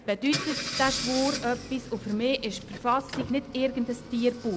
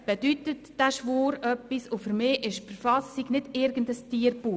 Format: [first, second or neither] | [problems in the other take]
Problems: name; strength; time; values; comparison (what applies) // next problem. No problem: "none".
second | background sound (Engine / Car); 8 dB below the speech